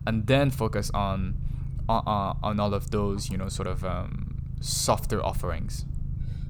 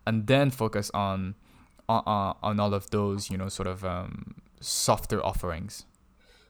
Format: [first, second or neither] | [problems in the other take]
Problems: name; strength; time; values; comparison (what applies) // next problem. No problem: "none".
second | low rumble; noticeable; throughout; 20 dB below the speech